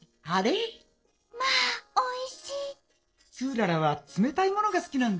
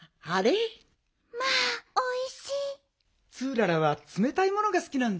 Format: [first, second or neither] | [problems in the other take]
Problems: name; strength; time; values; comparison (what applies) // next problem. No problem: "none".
second | noise reduction (neural separator model SepFormer DNS4)